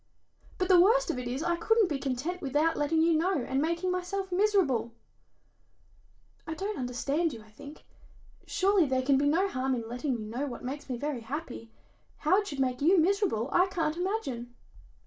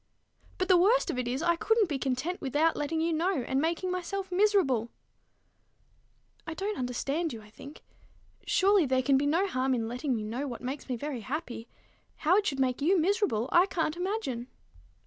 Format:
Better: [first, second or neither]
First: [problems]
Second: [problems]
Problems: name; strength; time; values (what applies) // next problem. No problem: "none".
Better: second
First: room echo; dies away in 0.2 s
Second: none